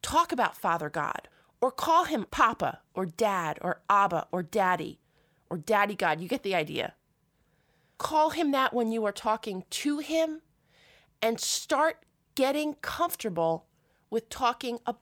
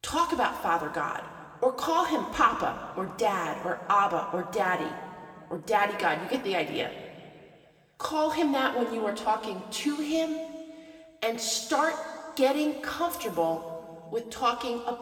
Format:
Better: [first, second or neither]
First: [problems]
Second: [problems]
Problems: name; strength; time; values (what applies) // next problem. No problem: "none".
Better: first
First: none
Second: room echo; slight; dies away in 1.8 s // off-mic speech; somewhat distant